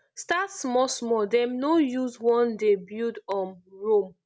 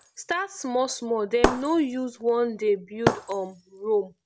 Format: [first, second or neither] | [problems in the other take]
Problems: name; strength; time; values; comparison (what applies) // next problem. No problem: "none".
first | background sound (Shatter); 5 dB below the speech